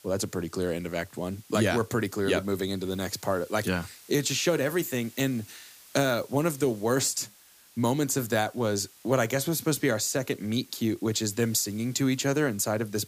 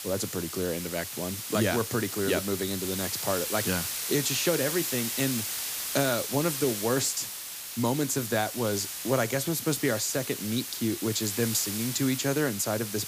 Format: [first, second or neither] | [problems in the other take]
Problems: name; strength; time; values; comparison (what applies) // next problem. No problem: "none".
first | hiss; loud; throughout; 3 dB below the speech; faint in the first